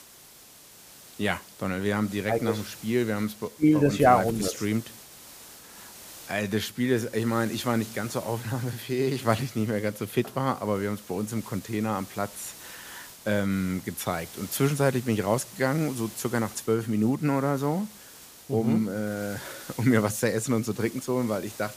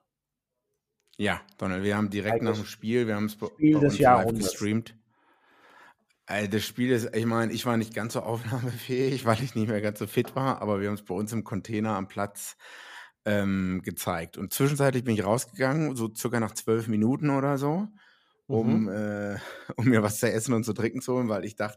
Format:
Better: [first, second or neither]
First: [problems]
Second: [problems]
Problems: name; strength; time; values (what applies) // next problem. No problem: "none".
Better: second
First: hiss; noticeable; throughout; 15 dB below the speech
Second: none